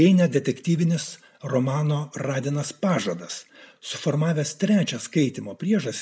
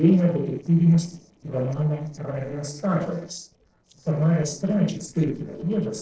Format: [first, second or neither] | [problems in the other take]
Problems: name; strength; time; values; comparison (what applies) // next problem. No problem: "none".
first | noise reduction (neural separator model SepFormer DNS4)